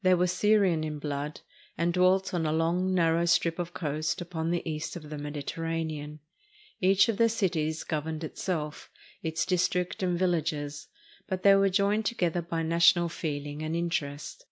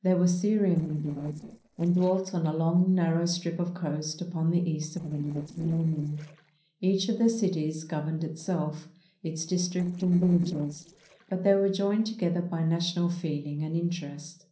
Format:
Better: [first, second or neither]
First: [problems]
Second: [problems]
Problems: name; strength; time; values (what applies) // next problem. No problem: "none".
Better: first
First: none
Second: noise reduction (neural separator model SepFormer DNS4)